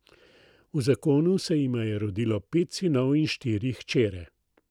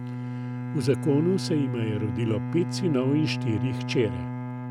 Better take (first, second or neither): first